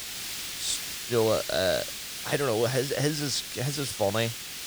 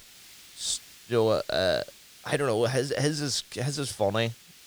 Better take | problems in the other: second | hiss; loud; throughout; 6 dB below the speech; faint in the second

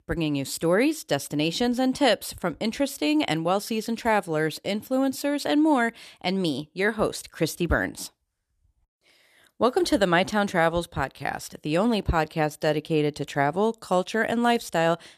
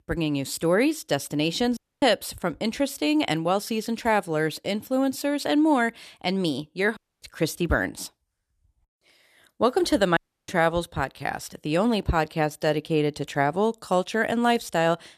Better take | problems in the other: first | audio cutting out; at 2 s, at 7 s and at 10 s

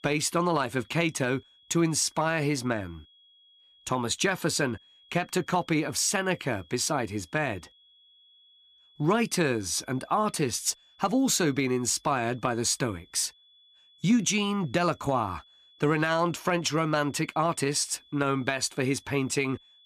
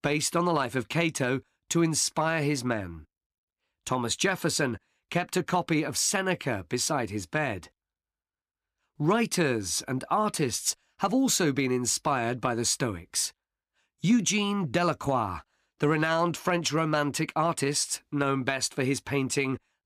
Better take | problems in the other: second | high-pitched whine; faint; throughout; 3.5 kHz, 30 dB below the speech

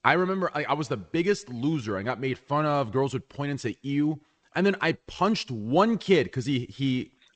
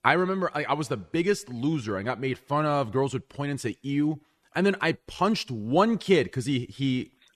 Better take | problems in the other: second | garbled, watery; slightly; nothing above 8 kHz

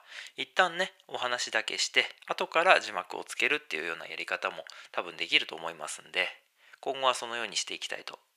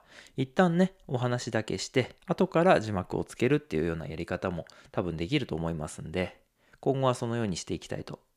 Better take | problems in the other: second | thin; very; fading below 850 Hz

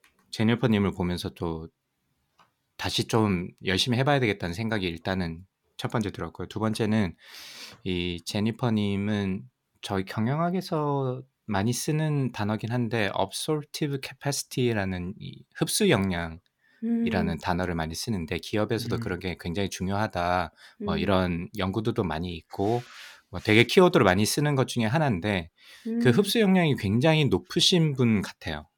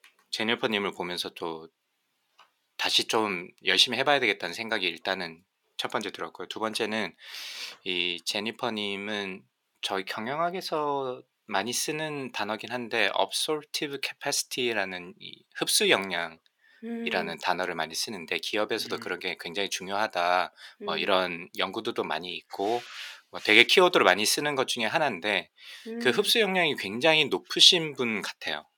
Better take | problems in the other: first | thin; somewhat; fading below 400 Hz

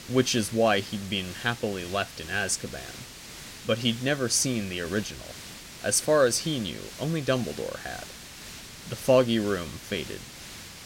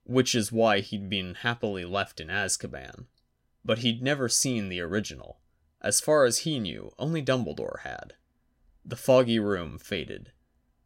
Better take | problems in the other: second | hiss; noticeable; throughout; 15 dB below the speech

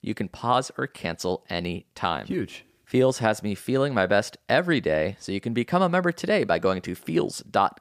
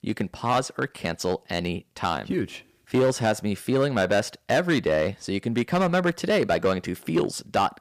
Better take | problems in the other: first | distortion; slight; 5% of the sound clipped

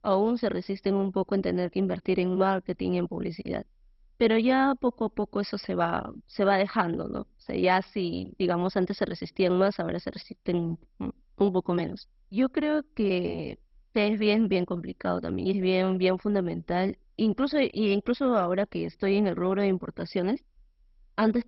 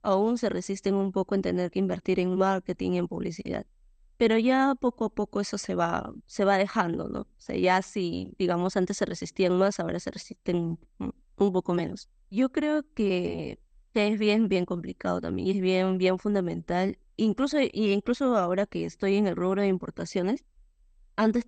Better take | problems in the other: second | garbled, watery; badly; nothing above 5.5 kHz; slightly in the second

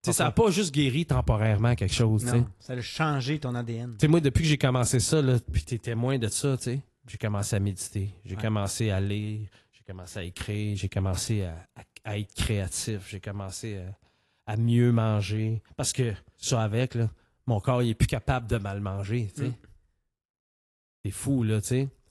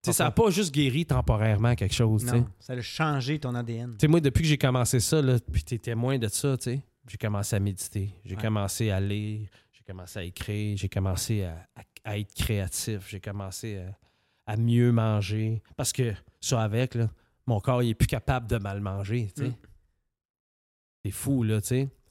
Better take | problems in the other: second | garbled, watery; slightly; nothing above 11.5 kHz

